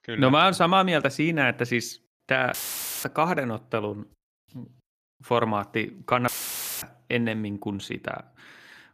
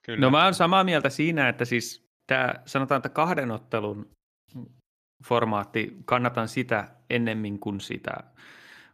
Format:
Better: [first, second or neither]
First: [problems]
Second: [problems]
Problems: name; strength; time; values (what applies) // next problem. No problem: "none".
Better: second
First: audio cutting out; filled with static; at 2.5 s for 0.5 s and at 6.5 s for 0.5 s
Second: none